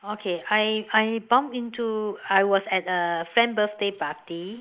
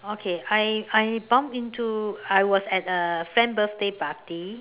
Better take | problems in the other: second | noise reduction (neural mask model Resemble Enhance denoiser)

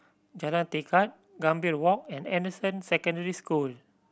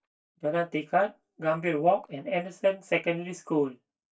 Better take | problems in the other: first | noise reduction (neural mask model DeepFilterNet 3)

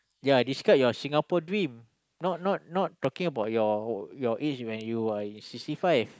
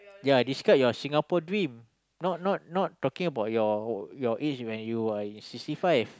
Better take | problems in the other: second | noise reduction (neural mask model Resemble Enhance denoiser)

